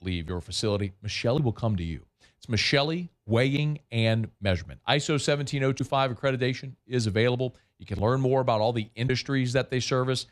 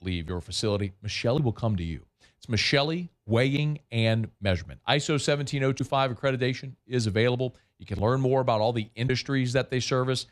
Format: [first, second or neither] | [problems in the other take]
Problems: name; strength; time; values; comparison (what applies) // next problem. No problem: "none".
neither | none